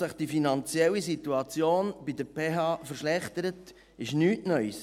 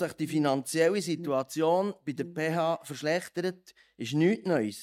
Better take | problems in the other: first | noise reduction (neural mask model DeepFilterNet 3)

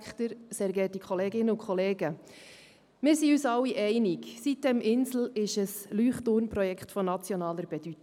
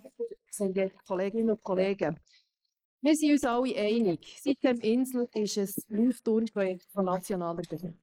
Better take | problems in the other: first | noise reduction (neural mask model Resemble Enhance denoiser)

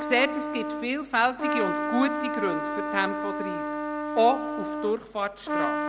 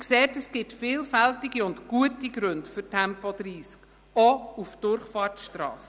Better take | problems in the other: second | background sound (Trumpet); 2 dB below the speech

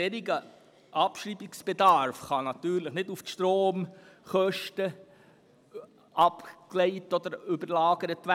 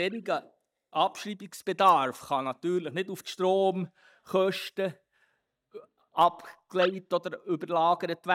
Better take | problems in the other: first | noise reduction (neural mask model DeepFilterNet 3)

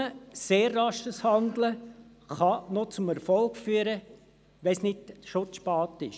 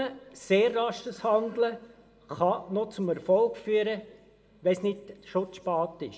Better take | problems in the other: first | room echo; dies away in 0.7 s

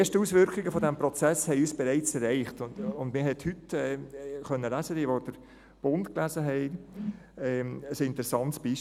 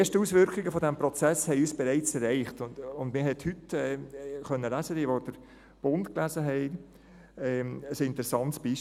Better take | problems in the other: second | background sound (Whoosh, swoosh, swish); 14 dB below the speech

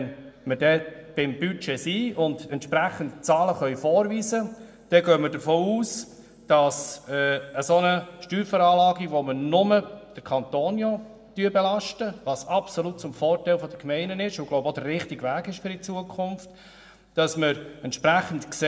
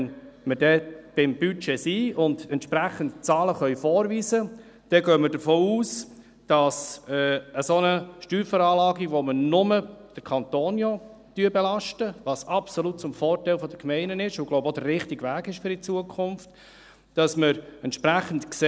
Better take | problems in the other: second | room echo; dies away in 1 s

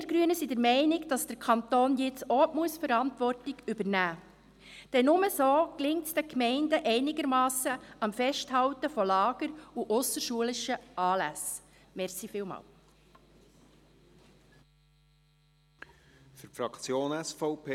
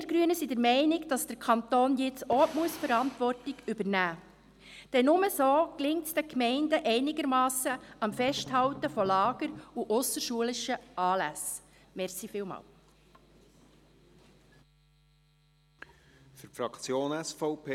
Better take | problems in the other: first | background sound (Strum + Fire); 15 dB below the speech

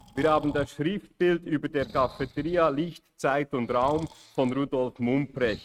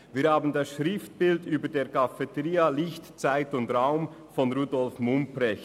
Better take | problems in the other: second | noise reduction (neural mask model RNNoise)

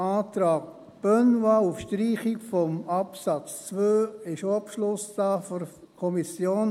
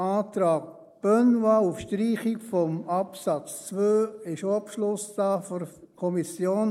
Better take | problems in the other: first | noise reduction (neural mask model Resemble Enhance denoiser)

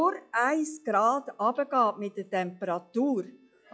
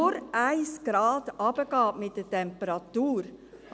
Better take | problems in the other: second | noise reduction (classical method log-MMSE)

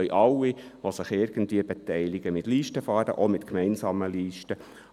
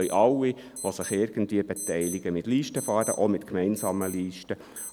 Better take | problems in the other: first | background sound (Alarm); 14 dB below the speech

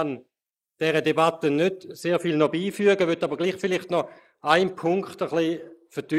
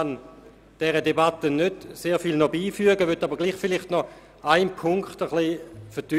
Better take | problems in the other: second | noise reduction (neural mask model Resemble Enhance denoiser)

